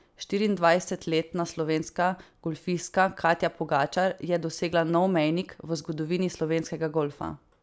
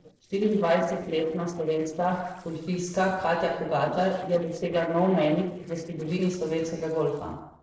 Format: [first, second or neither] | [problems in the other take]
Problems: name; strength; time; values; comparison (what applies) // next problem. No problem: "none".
first | noise reduction (neural separator model SepFormer DNS4)